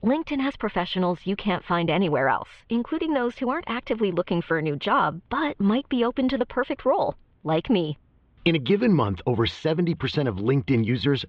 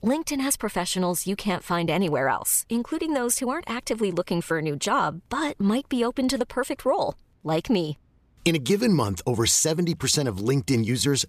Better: second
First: muffled; very; fading above 3.5 kHz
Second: none

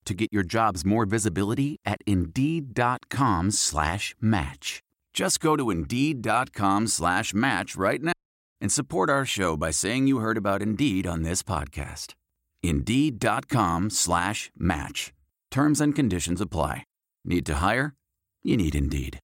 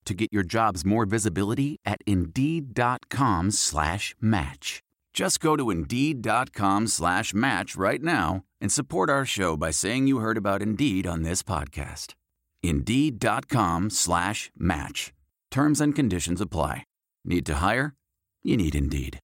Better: second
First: audio cutting out; at 8 s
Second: none

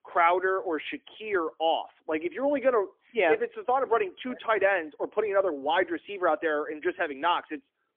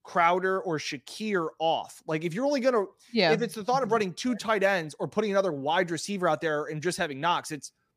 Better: second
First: phone-call audio; poor line; nothing above 3.5 kHz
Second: none

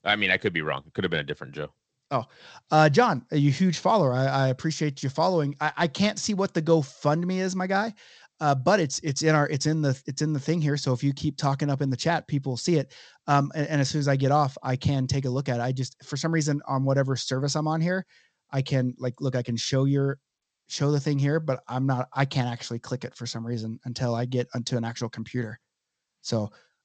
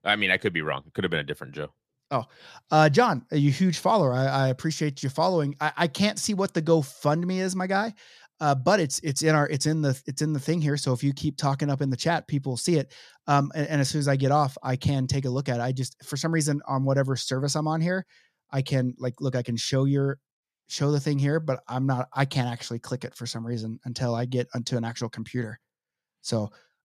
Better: second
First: garbled, watery; slightly; nothing above 7.5 kHz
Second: none

